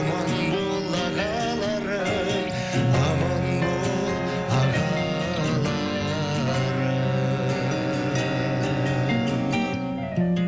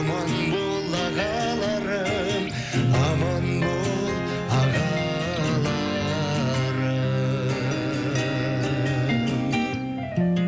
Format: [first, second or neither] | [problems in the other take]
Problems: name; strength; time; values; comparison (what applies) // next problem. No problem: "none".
second | background sound (Wind instrument, woodwind instrument); 7 dB below the speech